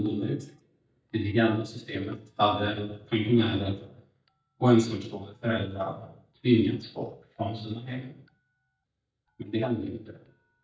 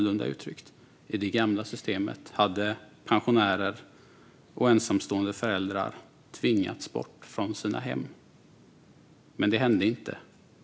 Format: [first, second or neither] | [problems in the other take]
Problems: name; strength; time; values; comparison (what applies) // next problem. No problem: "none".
second | noise reduction (neural mask model DeepFilterNet 3)